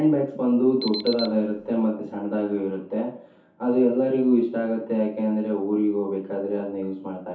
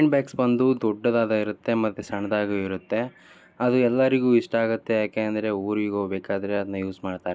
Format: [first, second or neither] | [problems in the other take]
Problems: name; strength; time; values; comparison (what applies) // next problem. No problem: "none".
second | background sound (Alarm); 11 dB below the speech // room echo; dies away in 0.5 s